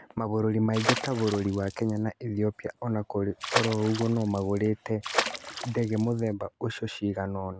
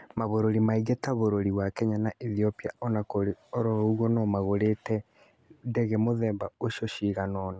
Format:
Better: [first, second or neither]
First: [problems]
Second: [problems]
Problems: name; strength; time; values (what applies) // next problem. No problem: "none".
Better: second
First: background sound (Water / Splash, splatter); 5 dB below the speech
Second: none